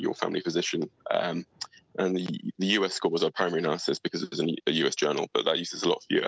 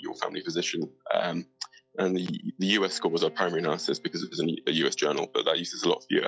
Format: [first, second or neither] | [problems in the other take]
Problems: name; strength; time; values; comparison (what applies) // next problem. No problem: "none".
first | noise reduction (classical method log-MMSE)